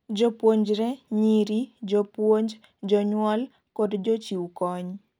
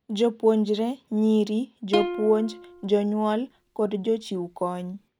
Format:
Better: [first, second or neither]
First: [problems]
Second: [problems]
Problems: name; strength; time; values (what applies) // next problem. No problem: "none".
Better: first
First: none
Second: background sound (Plucked string instrument); 11 dB below the speech